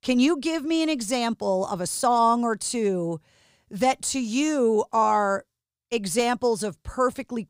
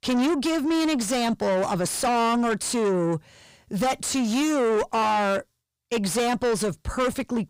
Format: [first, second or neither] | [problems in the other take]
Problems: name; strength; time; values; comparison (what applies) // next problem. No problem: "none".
first | distortion; heavy; 7 dB below the speech